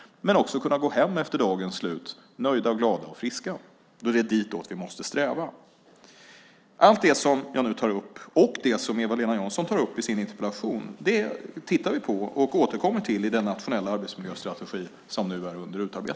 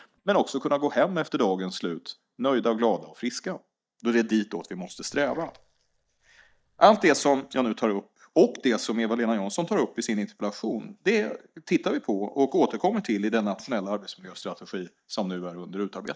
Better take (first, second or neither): first